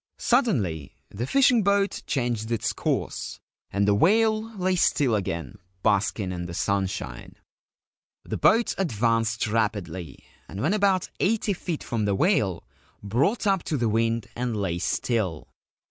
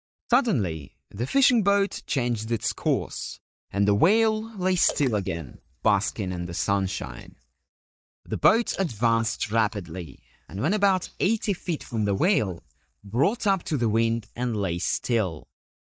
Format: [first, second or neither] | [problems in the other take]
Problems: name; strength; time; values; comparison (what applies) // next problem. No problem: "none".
first | noise reduction (neural mask model DeepFilterNet 3)